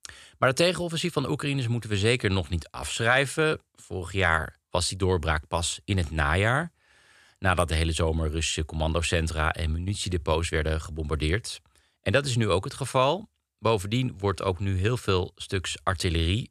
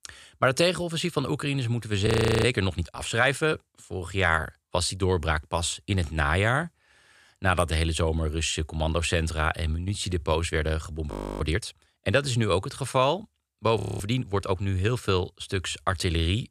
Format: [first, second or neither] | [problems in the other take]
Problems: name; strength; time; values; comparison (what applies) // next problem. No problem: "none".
first | audio freezing; at 2 s, at 11 s and at 14 s